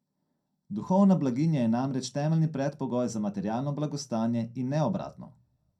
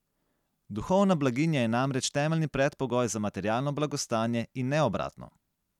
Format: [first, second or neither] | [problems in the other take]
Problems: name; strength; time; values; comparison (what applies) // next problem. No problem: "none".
second | room echo; dies away in 0.2 s